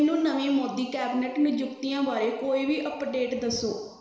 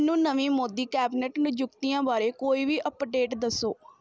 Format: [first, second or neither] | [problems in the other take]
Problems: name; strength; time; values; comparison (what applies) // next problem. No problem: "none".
second | room echo; dies away in 1.1 s